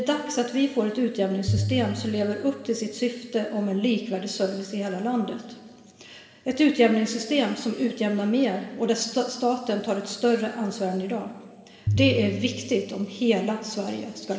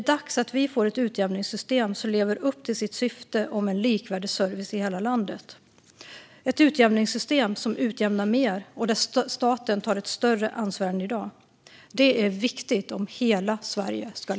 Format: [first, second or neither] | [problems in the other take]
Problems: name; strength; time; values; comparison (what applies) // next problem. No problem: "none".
second | background sound (Piano); 5 dB below the speech // room echo; dies away in 1.9 s